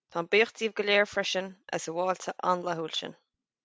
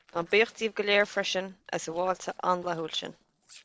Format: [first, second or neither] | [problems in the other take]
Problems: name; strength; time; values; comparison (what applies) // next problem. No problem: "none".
first | noise reduction (neural separator model SepFormer DNS4)